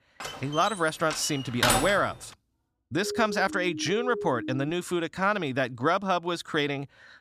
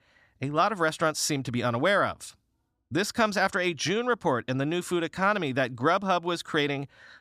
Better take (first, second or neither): second